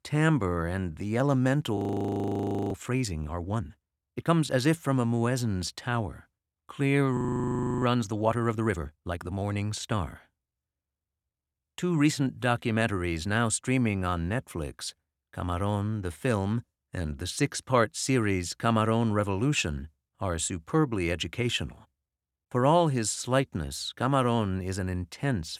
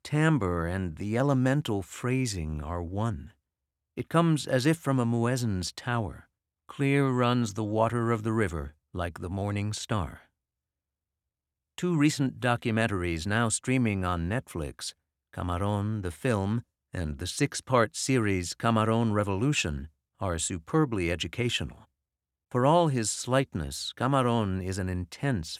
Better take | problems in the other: second | audio freezing; at 2 s for 1 s and at 7 s for 0.5 s

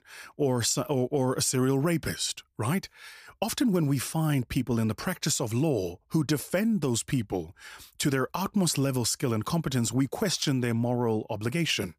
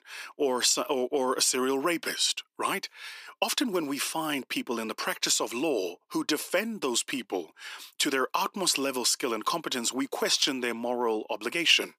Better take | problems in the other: first | thin; somewhat; fading below 300 Hz

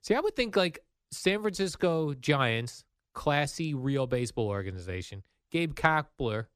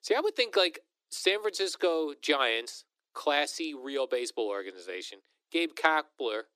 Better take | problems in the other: first | thin; somewhat; fading below 300 Hz

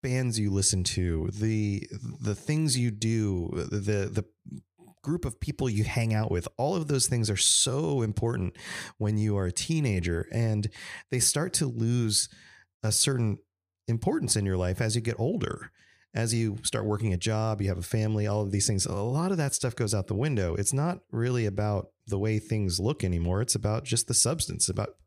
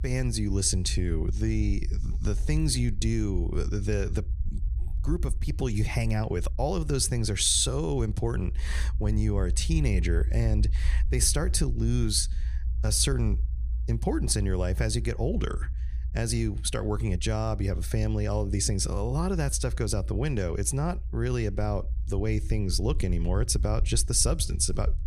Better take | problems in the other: first | low rumble; faint; throughout; 20 dB below the speech

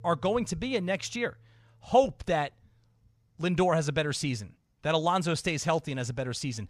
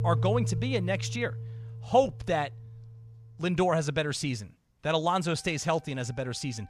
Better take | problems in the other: first | background music; loud; throughout; 6 dB below the speech; faint in the first

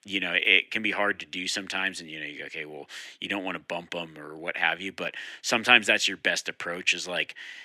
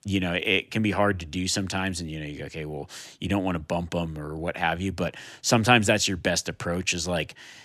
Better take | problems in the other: second | thin; somewhat; fading below 300 Hz

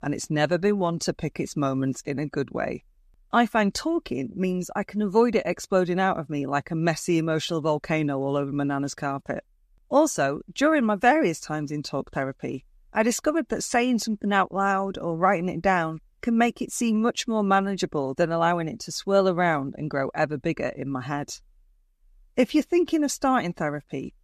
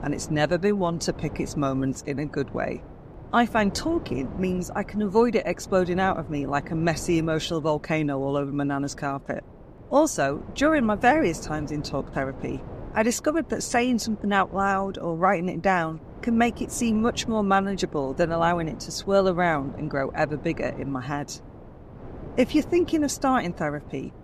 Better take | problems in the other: first | wind noise on the microphone; occasional gusts; 20 dB below the speech

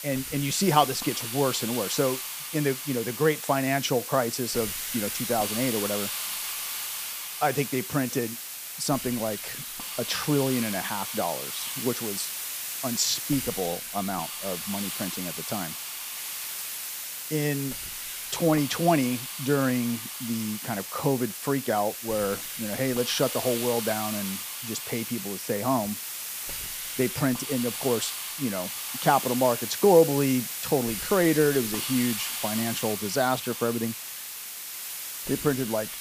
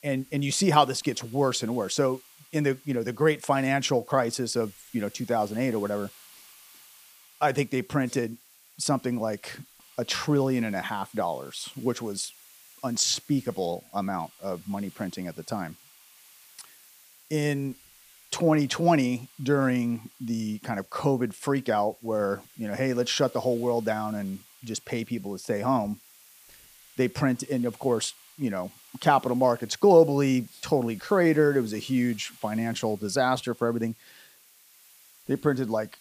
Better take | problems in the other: second | hiss; loud; throughout; 4 dB below the speech; faint in the second

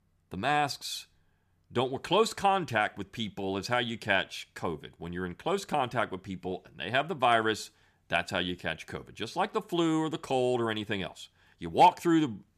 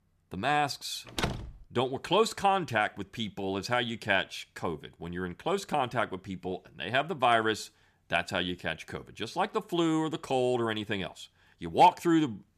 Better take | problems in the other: first | door banging; noticeable; at 1 s; peak 4 dB below the speech

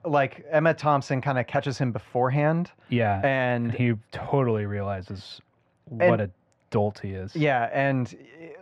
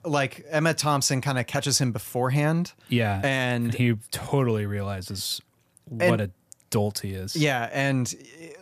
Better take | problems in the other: second | muffled; very; fading above 2 kHz

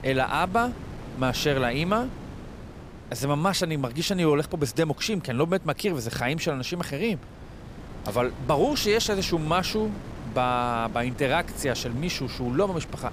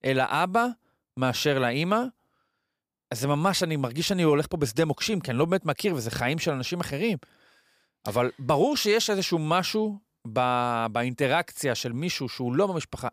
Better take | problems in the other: second | wind noise on the microphone; occasional gusts; 20 dB below the speech

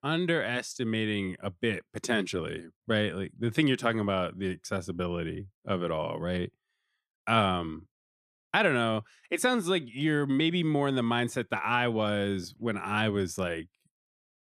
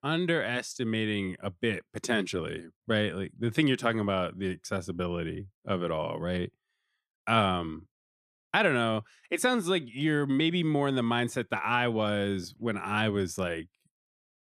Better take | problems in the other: neither | none

